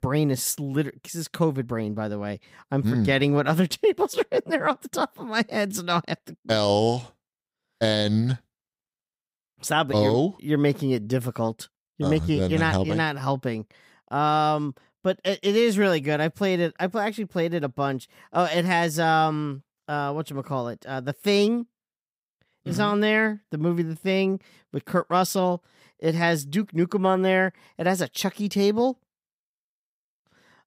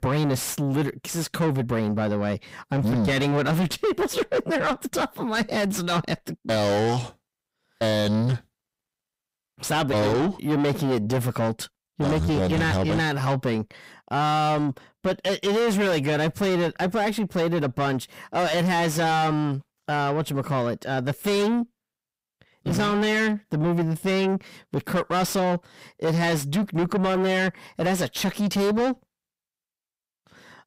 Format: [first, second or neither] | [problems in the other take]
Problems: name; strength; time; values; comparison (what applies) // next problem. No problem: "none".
first | distortion; heavy; 6 dB below the speech